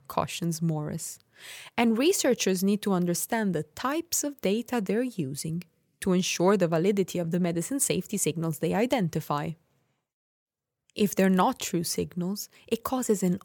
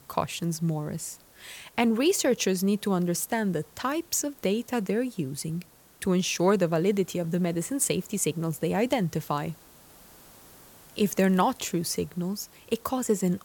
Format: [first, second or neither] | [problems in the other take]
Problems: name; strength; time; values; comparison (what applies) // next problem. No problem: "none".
first | hiss; faint; throughout; 25 dB below the speech